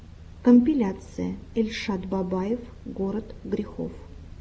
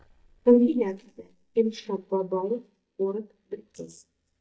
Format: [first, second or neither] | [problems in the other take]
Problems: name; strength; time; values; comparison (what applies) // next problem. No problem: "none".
first | noise reduction (neural mask model DeepFilterNet 3)